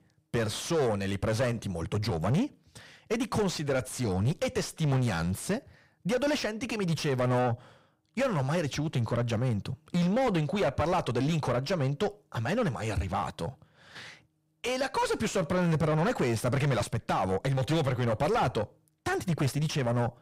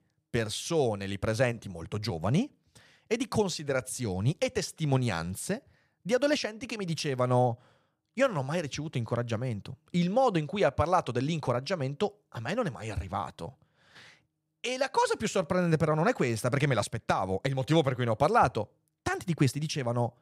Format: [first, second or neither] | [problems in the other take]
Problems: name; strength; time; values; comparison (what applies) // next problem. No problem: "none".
second | distortion; heavy; 6 dB below the speech